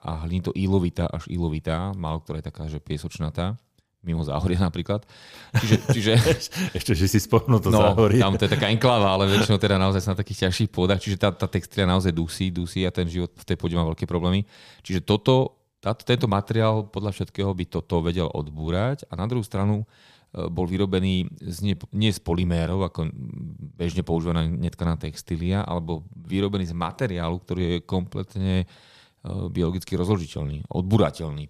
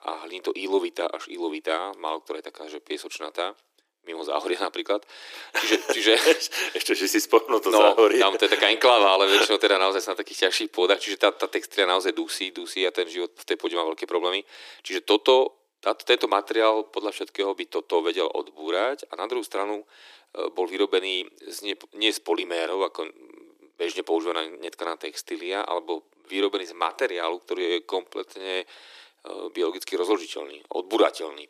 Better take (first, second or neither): first